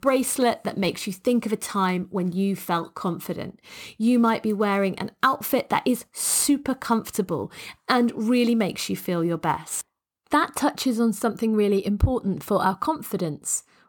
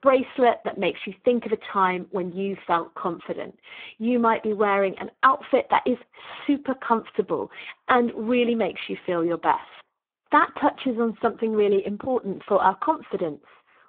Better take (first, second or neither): first